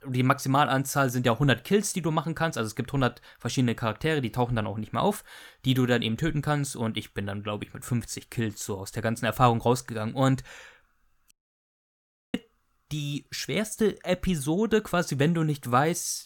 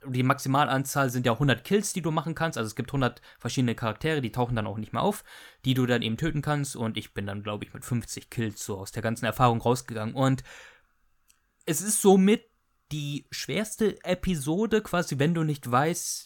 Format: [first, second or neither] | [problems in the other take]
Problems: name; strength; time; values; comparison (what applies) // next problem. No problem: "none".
second | audio cutting out; at 11 s for 1 s